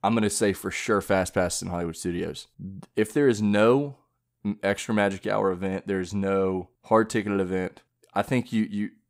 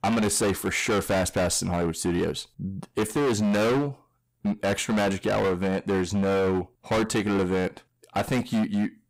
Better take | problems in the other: first | distortion; heavy; 22% of the sound clipped

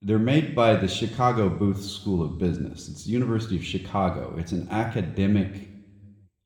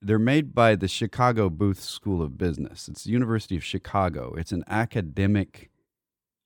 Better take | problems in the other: second | room echo; slight; dies away in 1.1 s

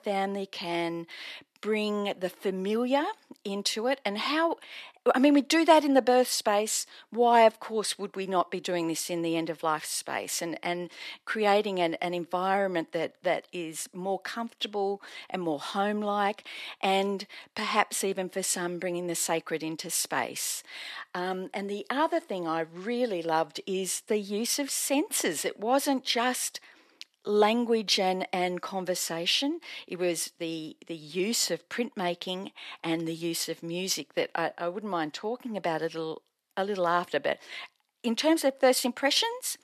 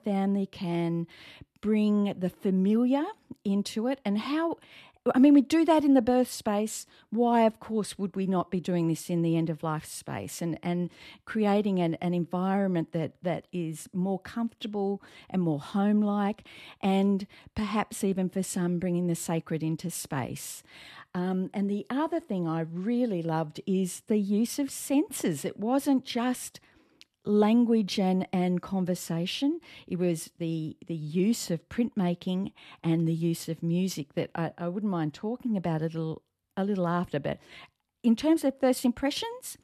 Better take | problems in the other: second | thin; somewhat; fading below 450 Hz

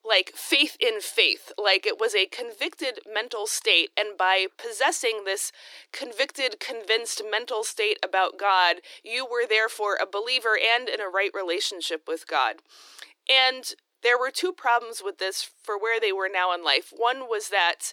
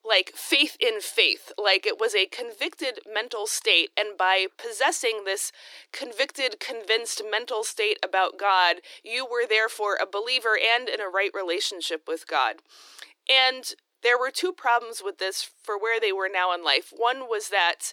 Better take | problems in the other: neither | thin; very; fading below 300 Hz; the same in both

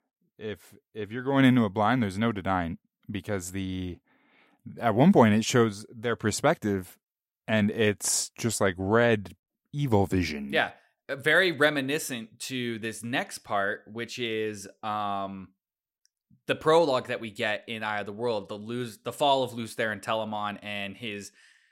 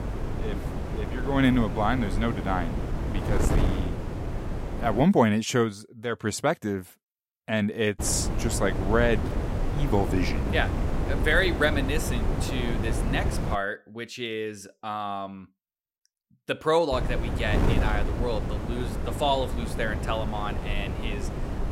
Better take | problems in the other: first | wind noise on the microphone; heavy; until 5 s, from 8 to 14 s and from 17 s on; 8 dB below the speech

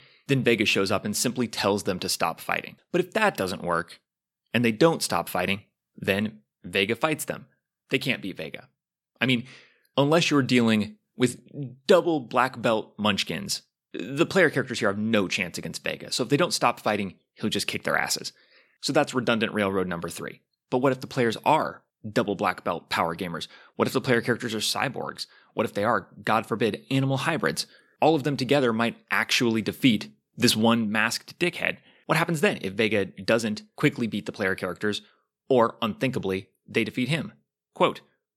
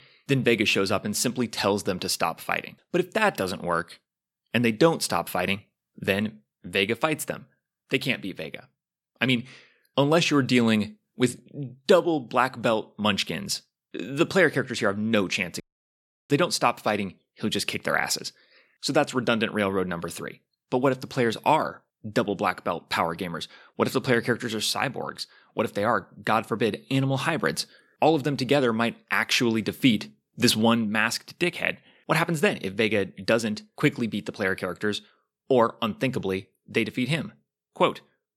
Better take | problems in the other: first | audio cutting out; at 16 s for 0.5 s

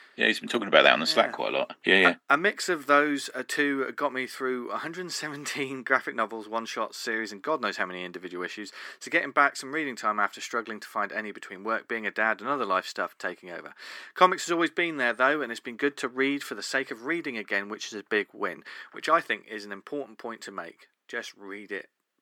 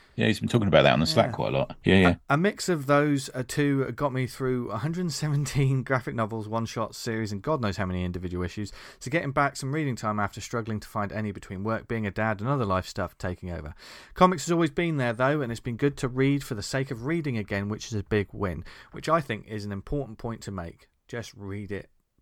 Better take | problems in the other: second | thin; somewhat; fading below 250 Hz

